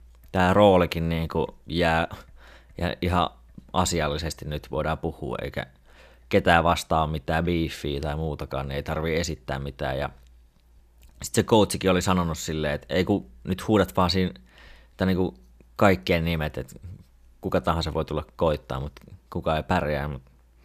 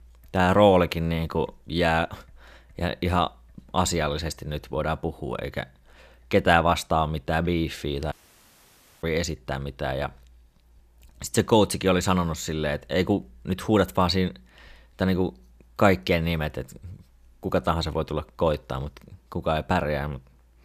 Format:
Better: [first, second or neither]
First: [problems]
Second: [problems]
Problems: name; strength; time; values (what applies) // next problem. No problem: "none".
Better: first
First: none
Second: audio cutting out; at 8 s for 1 s